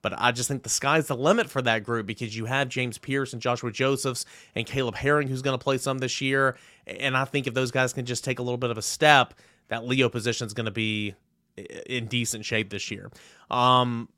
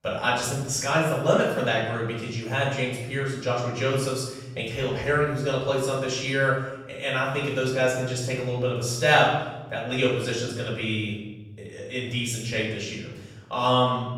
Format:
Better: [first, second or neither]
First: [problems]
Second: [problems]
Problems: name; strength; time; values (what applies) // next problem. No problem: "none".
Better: first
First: none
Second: off-mic speech; far // room echo; noticeable; dies away in 1 s